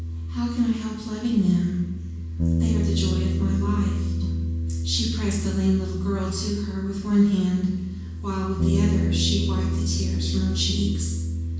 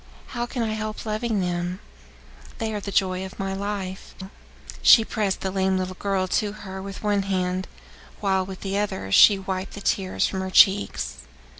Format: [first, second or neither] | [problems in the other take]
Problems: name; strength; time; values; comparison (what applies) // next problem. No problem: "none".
second | background sound (Bass guitar); as loud as the speech // room echo; dies away in 1.2 s